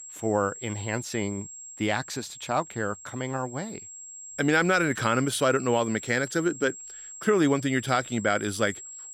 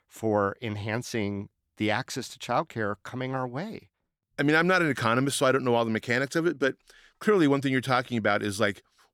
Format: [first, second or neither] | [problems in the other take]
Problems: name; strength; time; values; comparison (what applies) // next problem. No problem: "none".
second | high-pitched whine; noticeable; throughout; 7.5 kHz, 15 dB below the speech